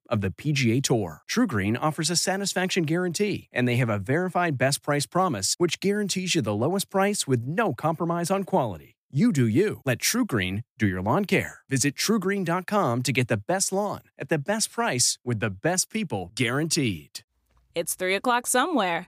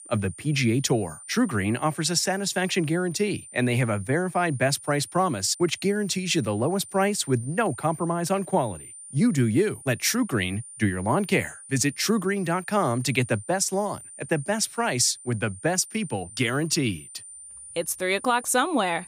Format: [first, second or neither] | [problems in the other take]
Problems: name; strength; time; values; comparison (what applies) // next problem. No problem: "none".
first | high-pitched whine; noticeable; throughout; 9 kHz, 15 dB below the speech